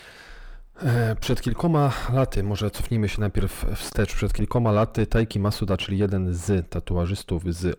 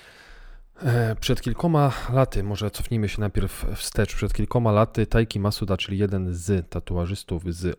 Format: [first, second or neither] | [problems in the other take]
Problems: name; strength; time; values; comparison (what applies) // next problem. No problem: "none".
second | distortion; slight; 10 dB below the speech